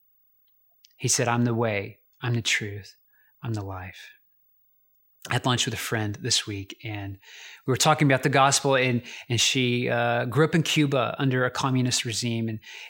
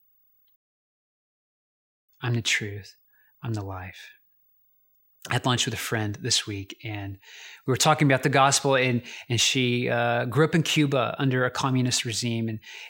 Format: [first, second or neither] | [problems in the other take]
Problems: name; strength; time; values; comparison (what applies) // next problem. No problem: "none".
first | audio cutting out; at 0.5 s for 1.5 s